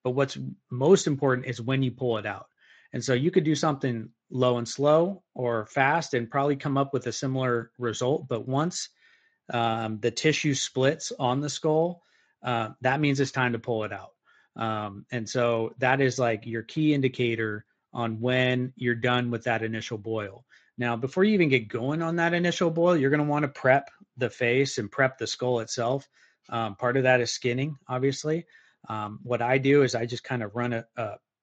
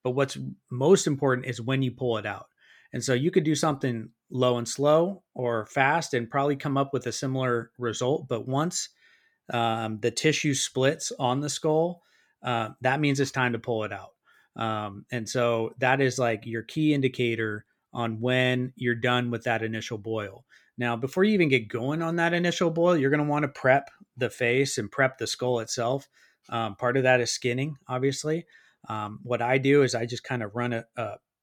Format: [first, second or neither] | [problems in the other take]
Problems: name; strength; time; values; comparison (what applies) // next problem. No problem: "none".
second | garbled, watery; slightly; nothing above 7.5 kHz